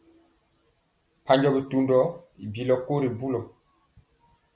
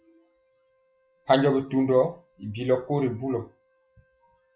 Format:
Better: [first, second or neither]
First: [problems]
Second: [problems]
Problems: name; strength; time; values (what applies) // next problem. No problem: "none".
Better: first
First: none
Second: noise reduction (classical method log-MMSE)